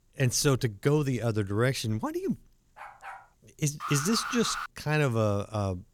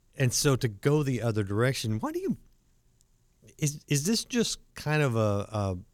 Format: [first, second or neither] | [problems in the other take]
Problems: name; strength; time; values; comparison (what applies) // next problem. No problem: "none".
second | dog barking; faint; at 3 s; peak 15 dB below the speech // alarm; noticeable; at 4 s; peak 6 dB below the speech